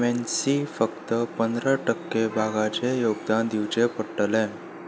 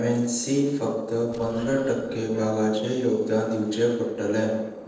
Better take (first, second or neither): first